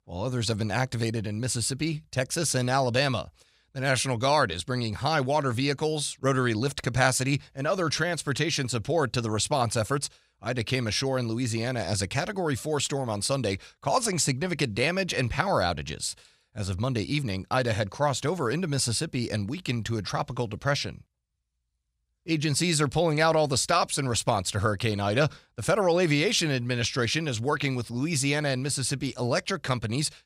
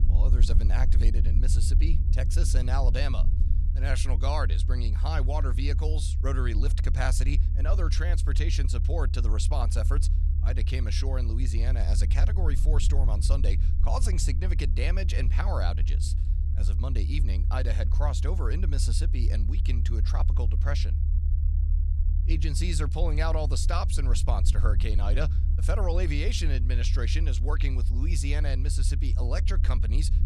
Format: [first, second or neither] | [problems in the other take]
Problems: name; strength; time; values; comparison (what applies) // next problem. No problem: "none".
first | low rumble; loud; throughout; 9 dB below the speech